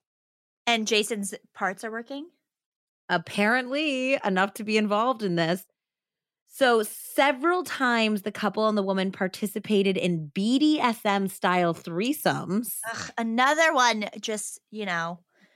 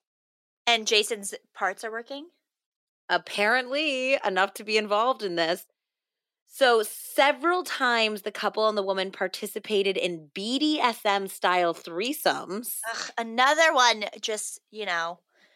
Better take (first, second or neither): first